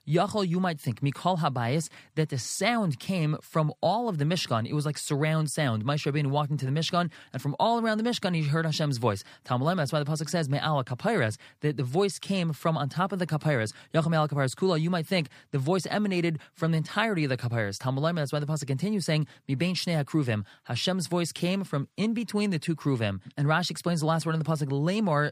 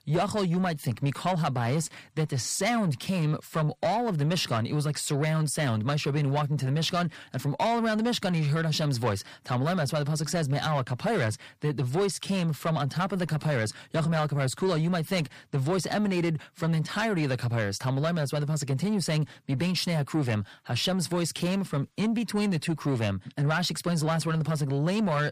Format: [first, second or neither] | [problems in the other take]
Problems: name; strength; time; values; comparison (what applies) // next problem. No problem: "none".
first | distortion; slight; 10 dB below the speech